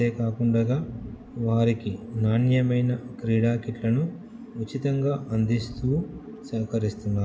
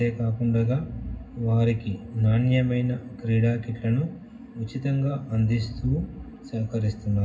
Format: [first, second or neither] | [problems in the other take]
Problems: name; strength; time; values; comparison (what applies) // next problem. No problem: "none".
first | room echo; dies away in 0.4 s